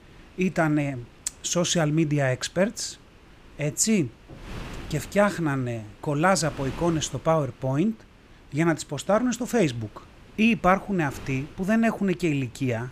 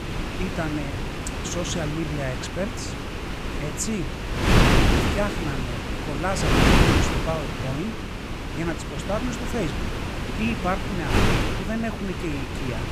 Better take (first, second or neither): first